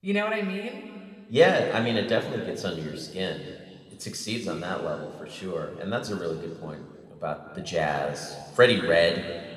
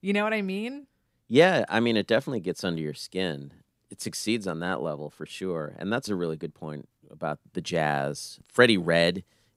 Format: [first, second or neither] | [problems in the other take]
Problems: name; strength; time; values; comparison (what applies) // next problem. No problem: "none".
second | room echo; noticeable; dies away in 1.9 s